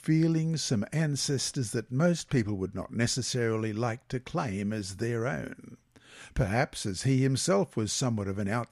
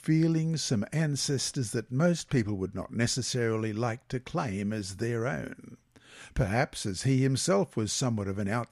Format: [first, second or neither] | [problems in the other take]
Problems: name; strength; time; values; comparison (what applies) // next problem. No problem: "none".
neither | none